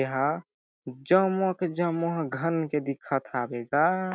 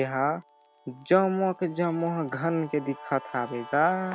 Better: first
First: none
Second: background sound (Guitar); 19 dB below the speech

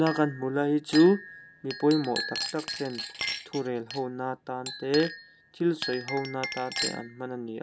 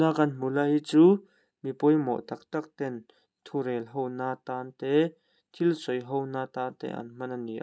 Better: second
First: background sound (Chink, clink); 9 dB below the speech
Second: none

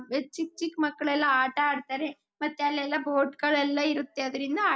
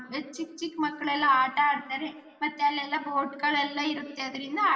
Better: first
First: none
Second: room echo; dies away in 2.1 s

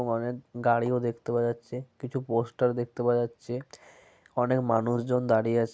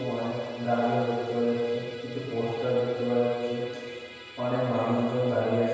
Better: first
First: none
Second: background sound (Musical instrument); 17 dB below the speech // room echo; dies away in 1.9 s

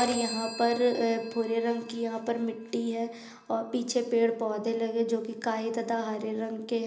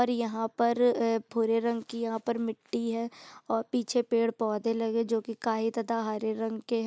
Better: second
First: background sound (Telephone); 16 dB below the speech // room echo; dies away in 0.8 s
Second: none

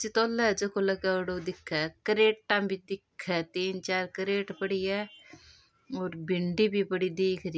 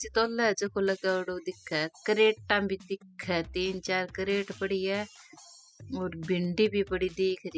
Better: first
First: none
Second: noise reduction (classical method spectral subtraction)

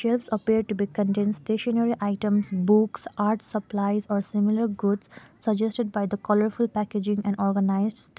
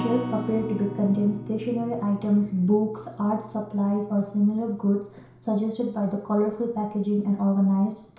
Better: first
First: none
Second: background sound (Acoustic guitar); 14 dB below the speech // room echo; dies away in 0.6 s

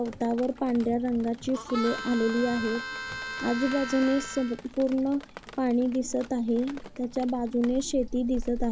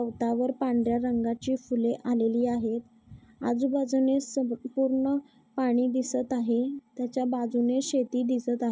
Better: second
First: background sound (Drip + Harmonica); 11 dB below the speech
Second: none

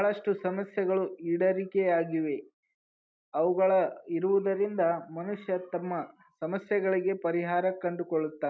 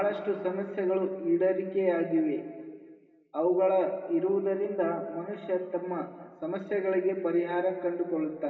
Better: first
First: none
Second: room echo; dies away in 2 s

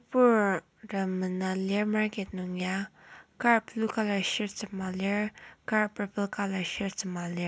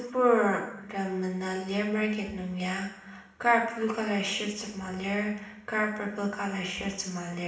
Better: first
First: none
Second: room echo; dies away in 0.7 s

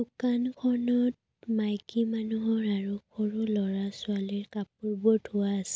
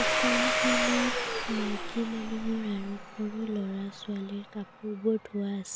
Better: first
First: none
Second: background sound (Domestic sounds, home sounds); as loud as the speech

